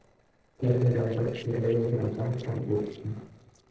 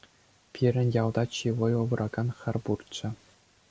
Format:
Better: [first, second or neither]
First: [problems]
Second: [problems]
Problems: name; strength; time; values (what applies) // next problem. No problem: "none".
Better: second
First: noise reduction (neural separator model SepFormer DNS4)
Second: none